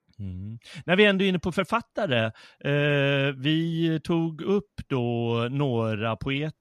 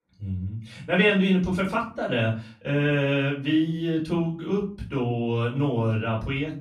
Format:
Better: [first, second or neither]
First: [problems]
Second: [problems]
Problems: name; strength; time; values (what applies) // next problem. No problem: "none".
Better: first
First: none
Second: off-mic speech; far // room echo; slight; dies away in 0.3 s